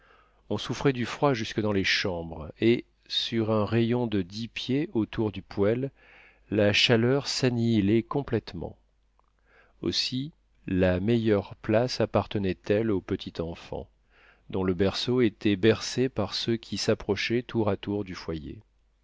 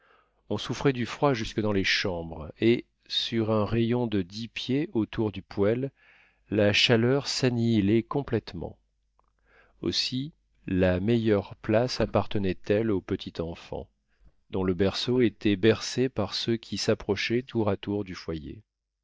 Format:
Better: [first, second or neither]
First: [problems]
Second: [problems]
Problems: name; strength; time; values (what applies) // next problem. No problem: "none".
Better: first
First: none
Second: noise reduction (neural mask model DeepFilterNet 3)